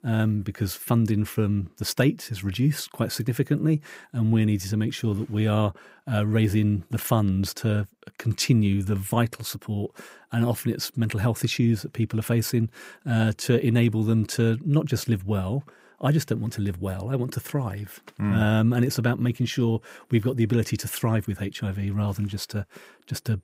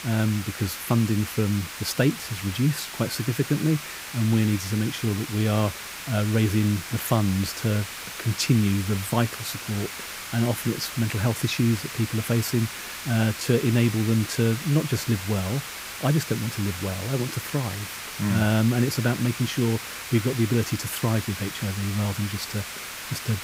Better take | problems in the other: first | hiss; loud; throughout; 8 dB below the speech

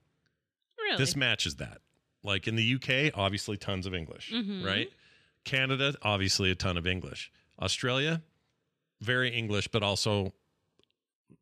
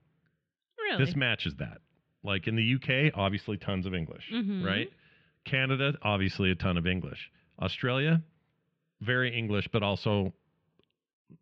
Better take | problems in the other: first | muffled; very; fading above 3 kHz

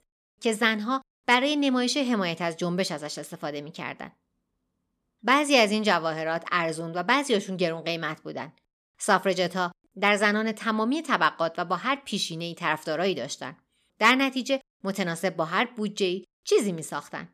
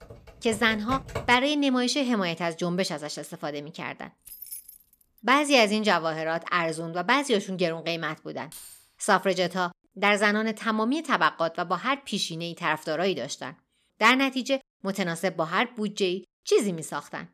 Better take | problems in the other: first | keyboard typing; noticeable; until 1.5 s; peak 9 dB below the speech // jangling keys; faint; at 4.5 s and at 8.5 s; peak 15 dB below the speech

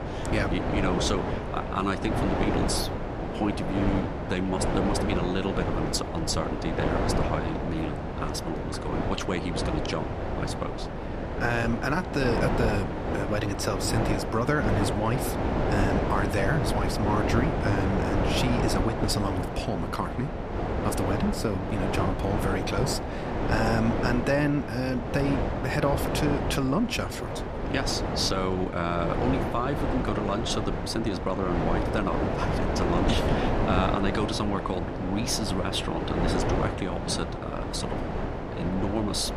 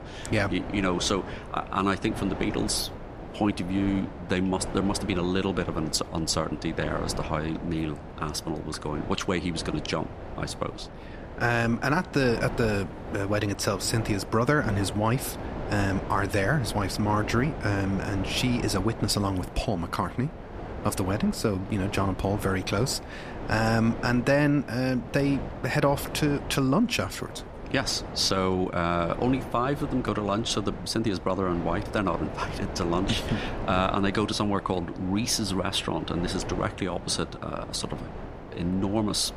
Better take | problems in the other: second | wind noise on the microphone; heavy; as loud as the speech; occasional gusts in the second

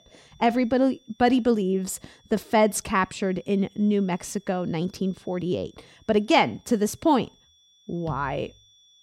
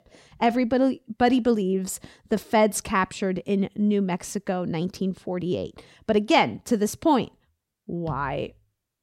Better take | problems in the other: second | high-pitched whine; faint; throughout; 3.5 kHz, 35 dB below the speech

